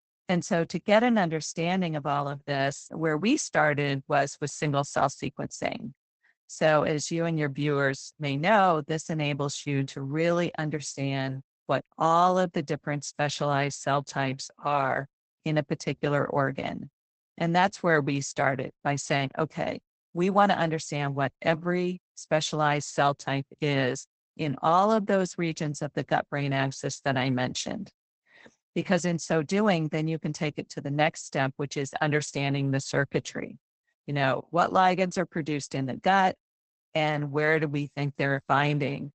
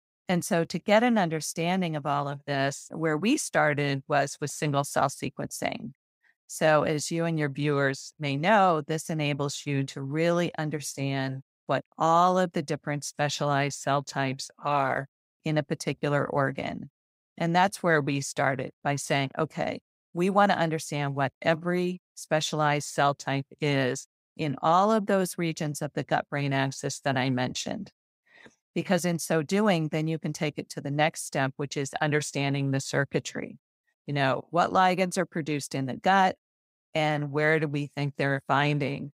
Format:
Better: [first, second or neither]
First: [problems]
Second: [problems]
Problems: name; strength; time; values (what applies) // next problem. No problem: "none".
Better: second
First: garbled, watery; badly; nothing above 8 kHz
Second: none